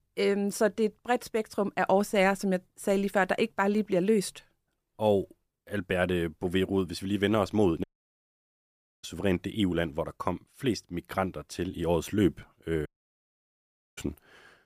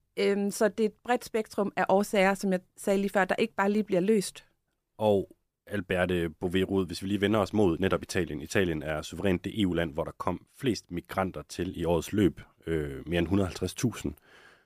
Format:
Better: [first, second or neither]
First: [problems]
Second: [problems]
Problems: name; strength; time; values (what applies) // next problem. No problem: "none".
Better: second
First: audio cutting out; at 8 s for 1 s and at 13 s for 1 s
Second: none